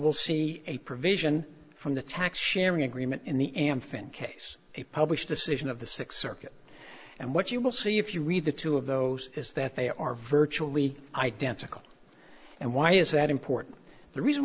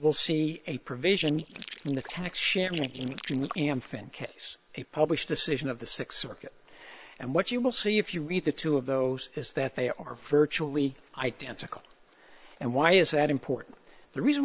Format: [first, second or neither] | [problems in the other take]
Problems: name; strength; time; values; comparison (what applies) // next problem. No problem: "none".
first | noise reduction (neural separator model SepFormer WHAM!)